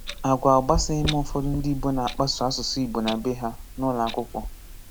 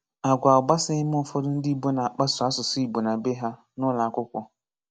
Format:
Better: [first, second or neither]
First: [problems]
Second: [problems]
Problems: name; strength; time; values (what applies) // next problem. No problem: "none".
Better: second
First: background sound (Clock); 7 dB below the speech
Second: none